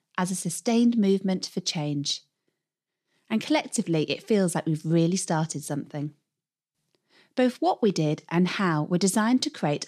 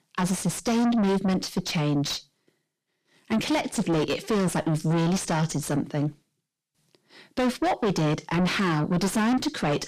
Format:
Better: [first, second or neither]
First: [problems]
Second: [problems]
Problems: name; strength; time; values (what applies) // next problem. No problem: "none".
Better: first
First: none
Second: distortion; heavy; 6 dB below the speech